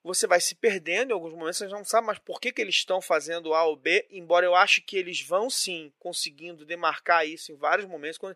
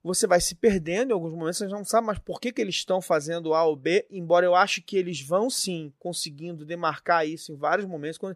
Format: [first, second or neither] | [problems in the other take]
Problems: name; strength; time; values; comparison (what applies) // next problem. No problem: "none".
second | thin; somewhat; fading below 400 Hz